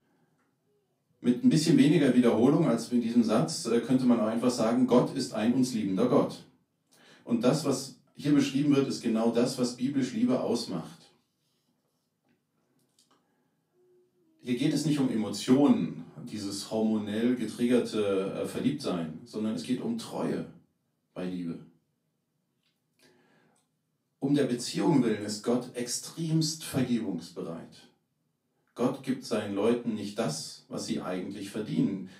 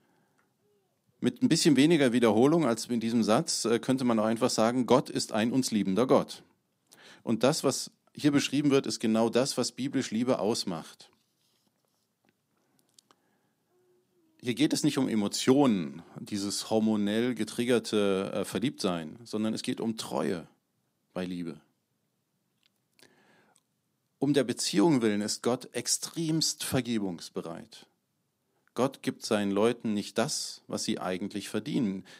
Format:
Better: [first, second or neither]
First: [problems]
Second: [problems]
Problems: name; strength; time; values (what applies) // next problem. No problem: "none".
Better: second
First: room echo; slight; dies away in 0.3 s // off-mic speech; far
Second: none